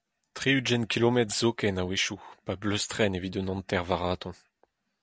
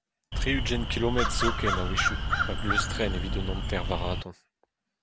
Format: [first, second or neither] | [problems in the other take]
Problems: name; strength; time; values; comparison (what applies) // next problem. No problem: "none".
first | background sound (Crow); 4 dB above the speech